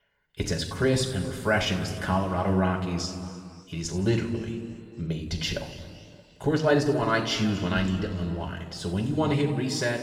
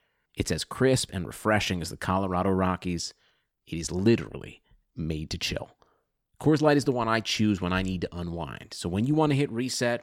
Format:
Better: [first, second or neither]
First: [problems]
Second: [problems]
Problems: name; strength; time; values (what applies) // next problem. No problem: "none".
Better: second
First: room echo; noticeable; dies away in 2 s // off-mic speech; somewhat distant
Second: none